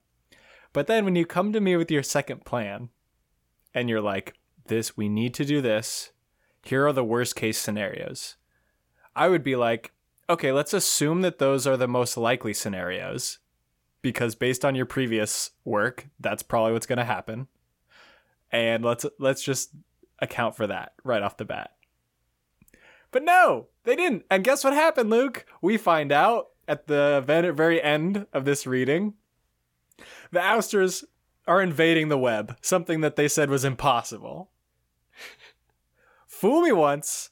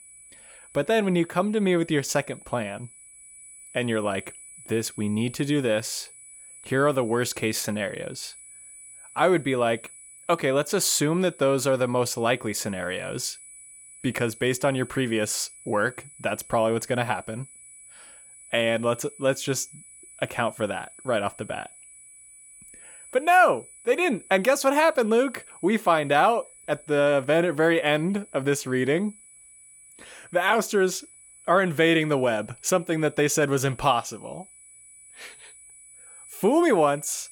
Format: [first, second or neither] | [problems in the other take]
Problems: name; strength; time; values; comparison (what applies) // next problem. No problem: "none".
first | high-pitched whine; faint; throughout; 10 kHz, 20 dB below the speech